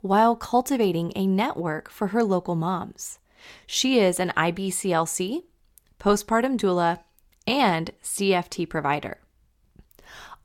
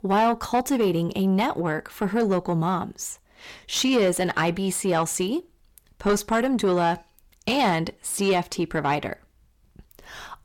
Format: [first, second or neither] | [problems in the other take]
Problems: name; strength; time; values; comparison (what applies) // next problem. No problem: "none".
first | distortion; slight; 10 dB below the speech